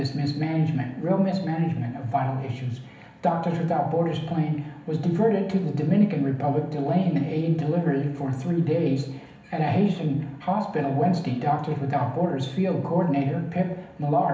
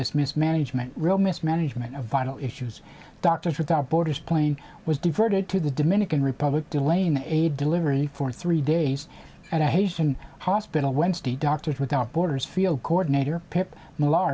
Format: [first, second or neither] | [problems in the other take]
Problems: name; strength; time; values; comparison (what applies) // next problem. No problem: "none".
second | room echo; dies away in 0.8 s